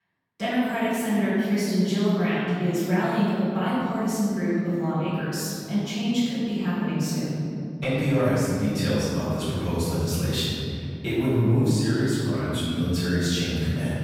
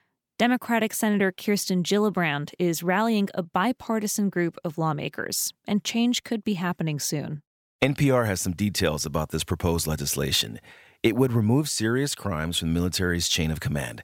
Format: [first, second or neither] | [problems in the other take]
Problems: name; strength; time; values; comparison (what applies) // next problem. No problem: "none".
second | off-mic speech; far // room echo; strong; dies away in 3 s